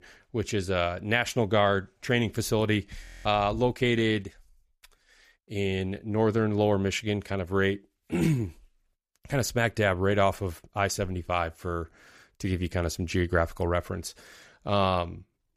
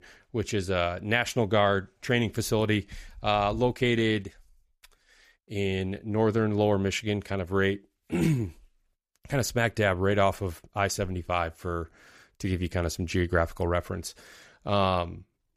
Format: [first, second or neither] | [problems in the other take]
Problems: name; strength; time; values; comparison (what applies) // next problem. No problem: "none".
second | audio freezing; at 3 s